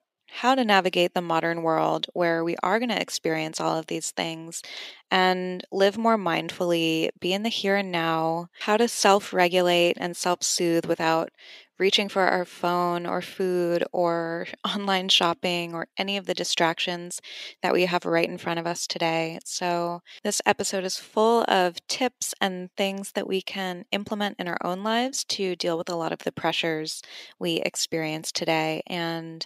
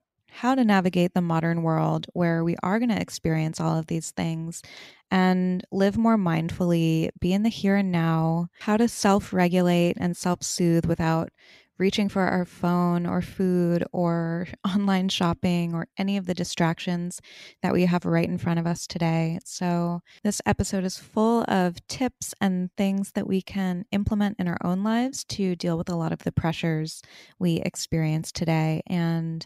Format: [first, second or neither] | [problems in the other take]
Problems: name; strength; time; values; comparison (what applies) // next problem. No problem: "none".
second | thin; somewhat; fading below 400 Hz